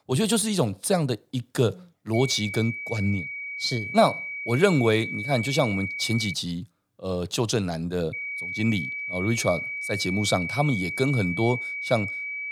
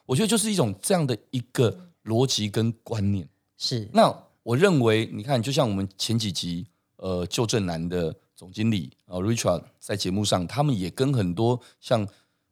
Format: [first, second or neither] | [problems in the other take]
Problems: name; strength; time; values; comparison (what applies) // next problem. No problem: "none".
second | high-pitched whine; loud; from 2 to 6.5 s and from 8 s on; 2.5 kHz, 5 dB below the speech